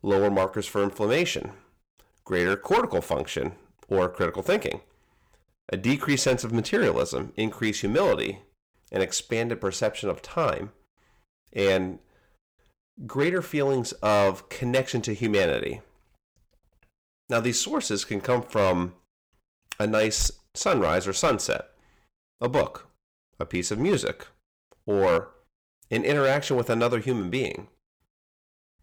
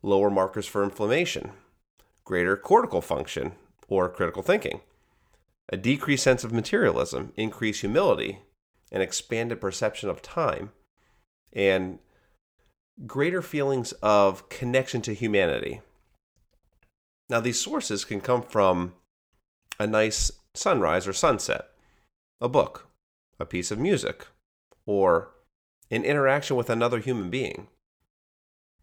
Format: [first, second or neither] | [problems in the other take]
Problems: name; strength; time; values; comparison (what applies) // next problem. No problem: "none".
second | distortion; slight; 4% of the sound clipped